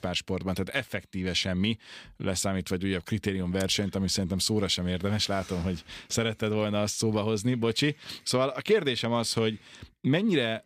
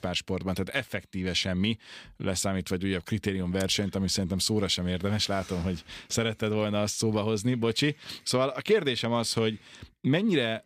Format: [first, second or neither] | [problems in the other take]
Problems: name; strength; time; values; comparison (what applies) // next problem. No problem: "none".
neither | none